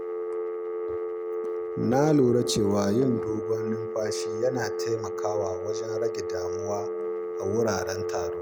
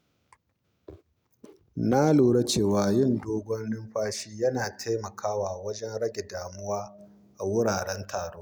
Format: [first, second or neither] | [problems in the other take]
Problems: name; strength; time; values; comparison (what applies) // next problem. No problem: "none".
second | background sound (Telephone); 2 dB below the speech